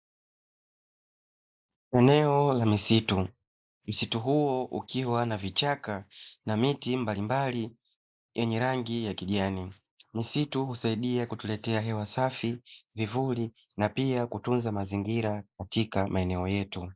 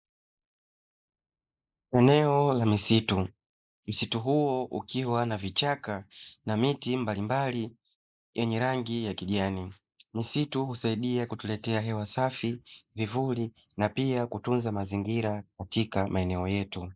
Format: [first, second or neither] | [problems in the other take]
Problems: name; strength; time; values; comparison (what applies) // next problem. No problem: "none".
first | noise reduction (neural mask model Resemble Enhance denoiser)